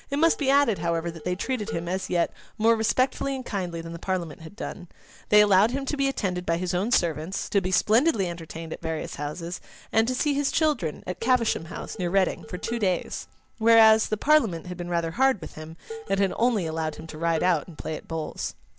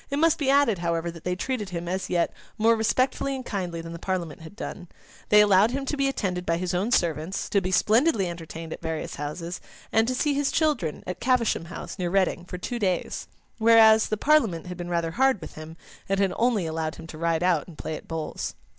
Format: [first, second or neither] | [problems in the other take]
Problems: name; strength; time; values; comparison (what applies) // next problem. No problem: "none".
second | background sound (Dishes, pots, and pans); 16 dB below the speech